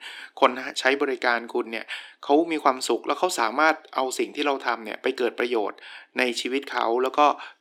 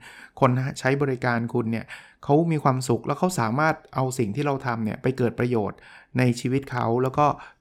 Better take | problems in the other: second | thin; somewhat; fading below 300 Hz

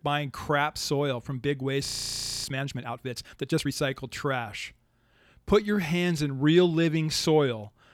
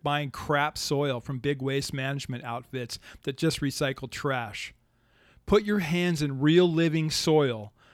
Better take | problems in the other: second | audio freezing; at 2 s for 0.5 s

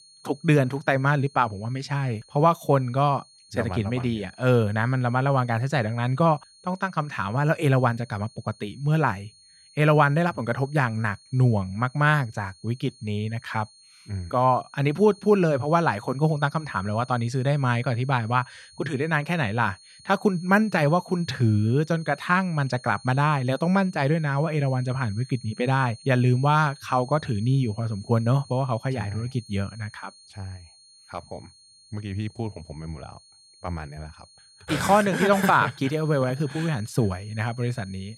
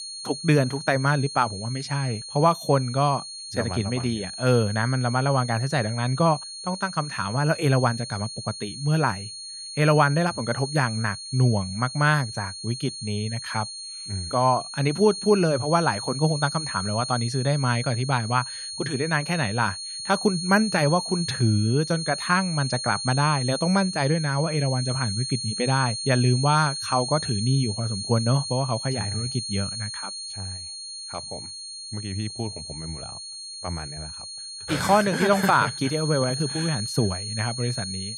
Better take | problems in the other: first | high-pitched whine; loud; throughout; 4.5 kHz, 8 dB below the speech; faint in the first

